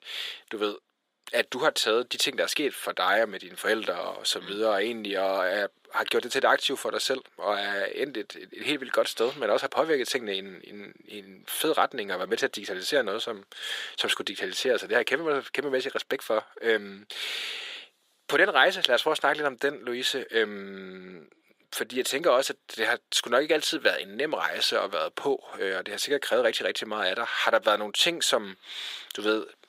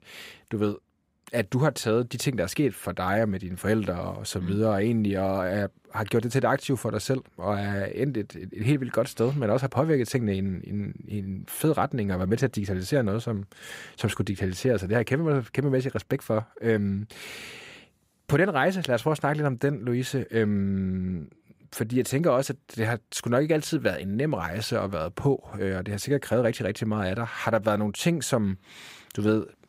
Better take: second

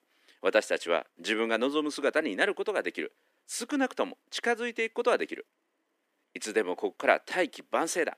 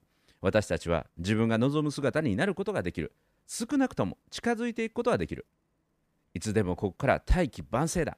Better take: second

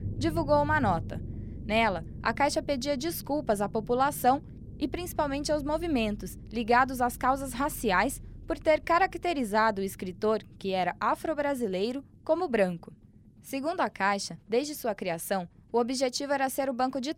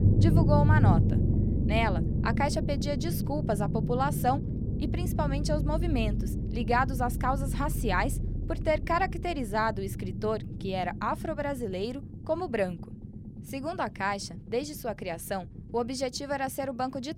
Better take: first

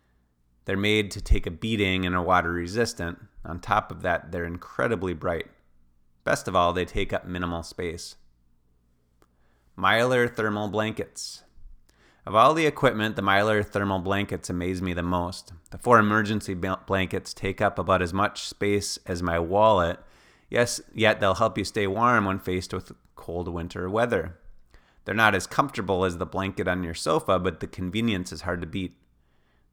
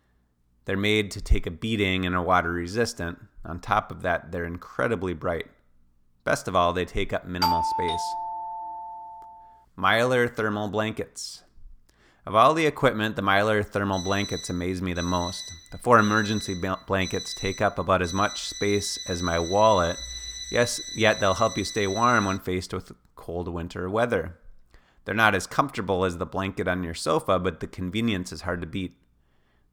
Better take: first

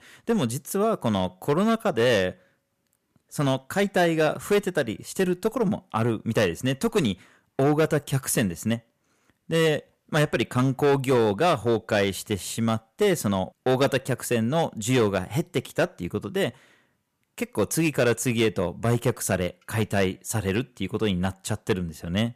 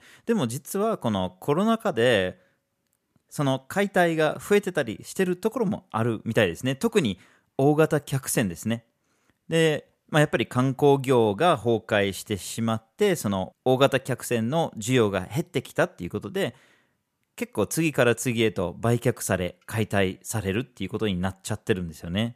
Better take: second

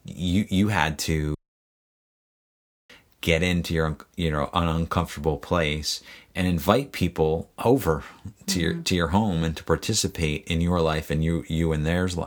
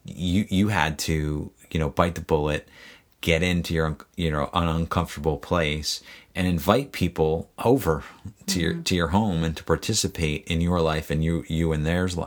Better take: second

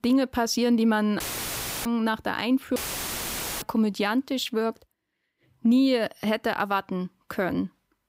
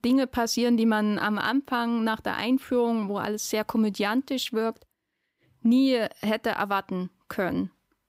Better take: second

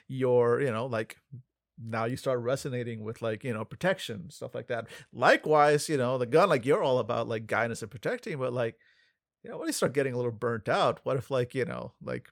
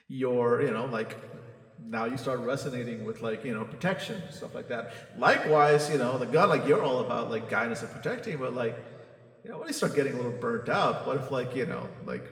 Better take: first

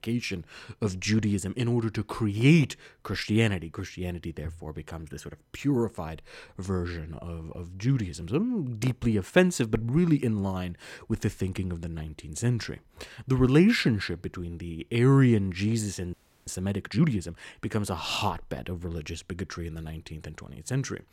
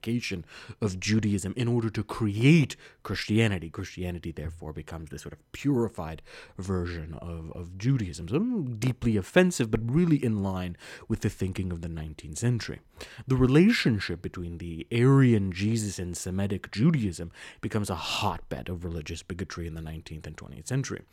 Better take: second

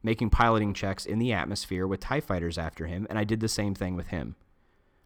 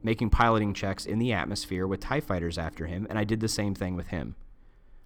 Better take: first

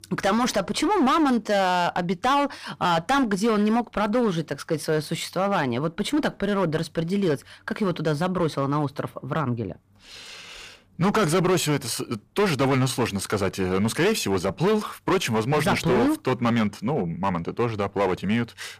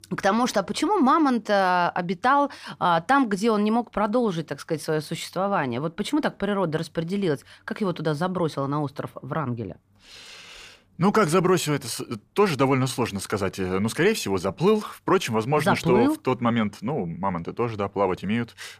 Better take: second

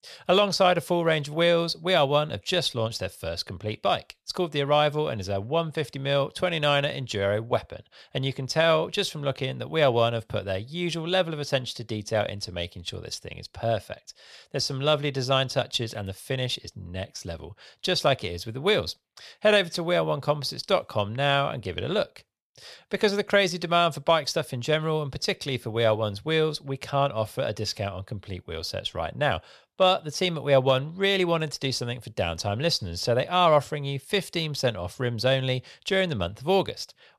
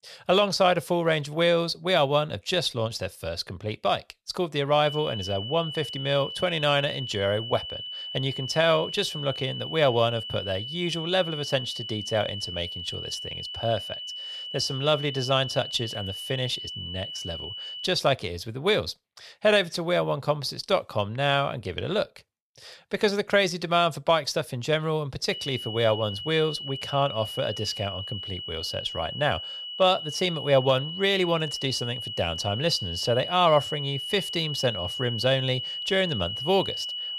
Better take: first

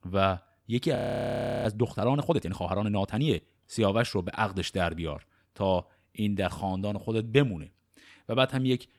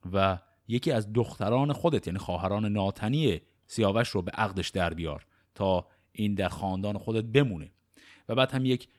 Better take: second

